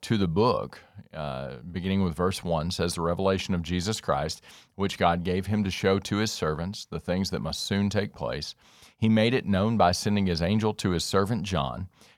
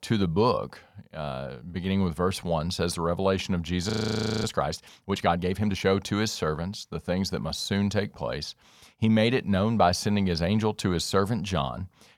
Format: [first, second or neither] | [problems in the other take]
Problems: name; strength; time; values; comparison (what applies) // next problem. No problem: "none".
first | audio freezing; at 4 s for 0.5 s